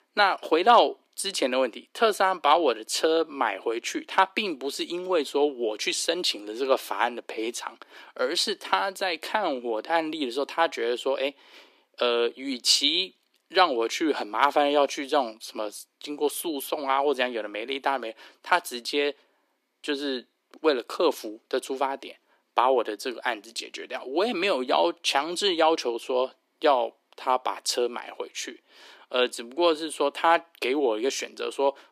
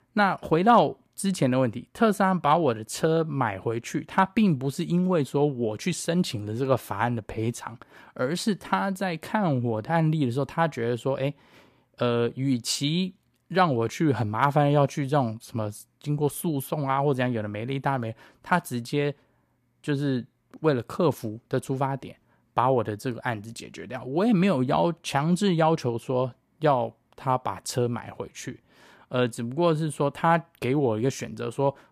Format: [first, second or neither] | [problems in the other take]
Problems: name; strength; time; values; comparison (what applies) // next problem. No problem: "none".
second | thin; somewhat; fading below 300 Hz